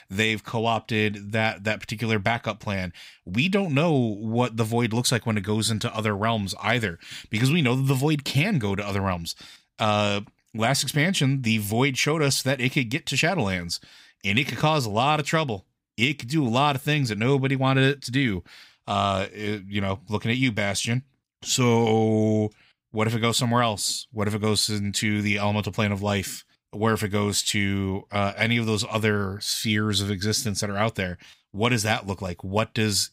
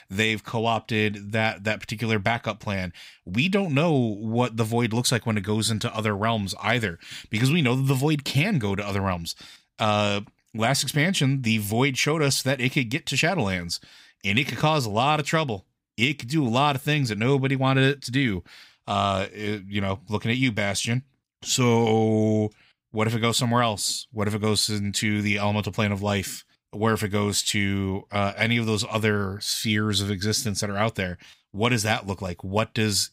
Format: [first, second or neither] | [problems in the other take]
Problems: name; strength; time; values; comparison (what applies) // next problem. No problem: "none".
neither | none